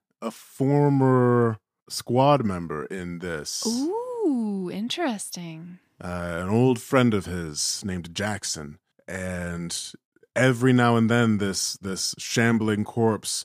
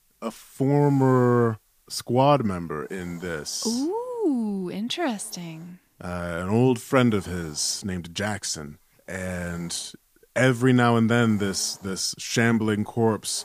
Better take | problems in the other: first | hiss; faint; throughout; 30 dB below the speech

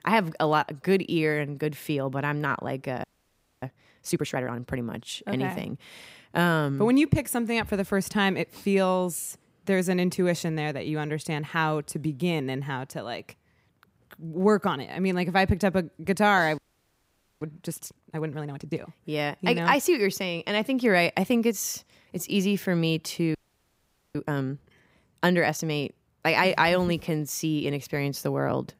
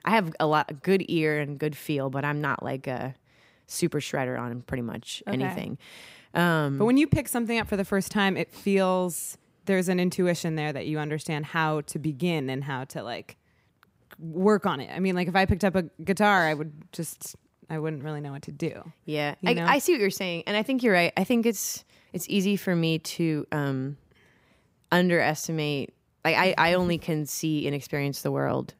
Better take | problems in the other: second | audio freezing; at 3 s for 0.5 s, at 17 s for 1 s and at 23 s for 1 s

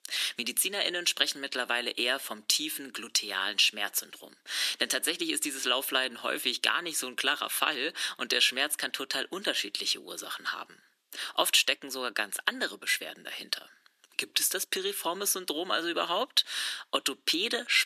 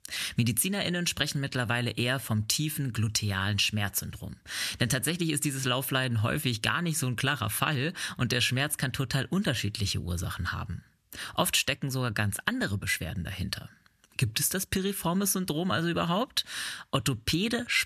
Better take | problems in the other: second | thin; very; fading below 300 Hz

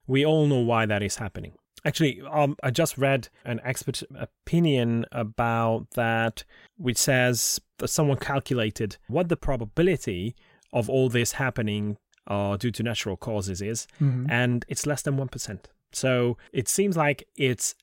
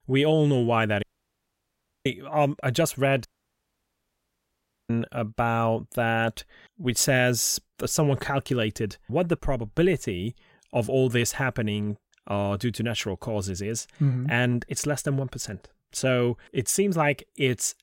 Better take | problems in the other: first | audio cutting out; at 1 s for 1 s and at 3.5 s for 1.5 s

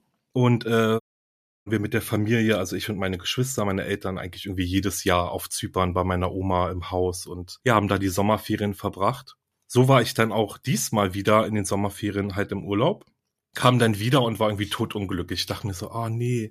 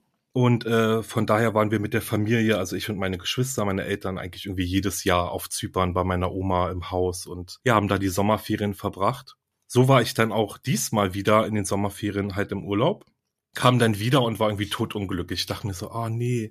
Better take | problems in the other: second | audio cutting out; at 1 s for 0.5 s

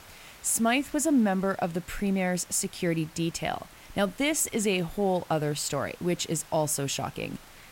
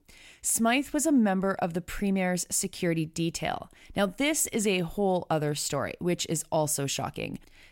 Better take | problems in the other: second | hiss; faint; throughout; 20 dB below the speech

